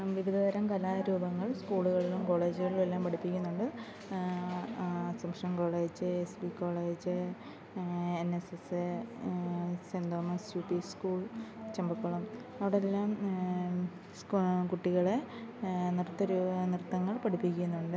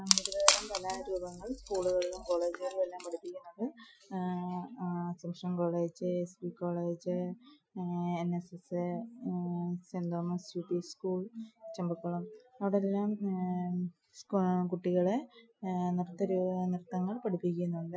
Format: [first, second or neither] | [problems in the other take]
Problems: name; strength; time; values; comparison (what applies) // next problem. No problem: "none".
first | noise reduction (classical method Wiener filter)